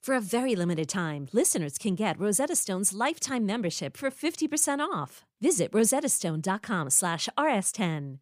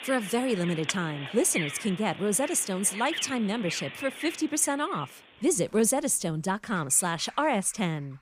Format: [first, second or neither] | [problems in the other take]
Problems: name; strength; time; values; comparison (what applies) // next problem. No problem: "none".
first | animal sounds; loud; throughout; 10 dB below the speech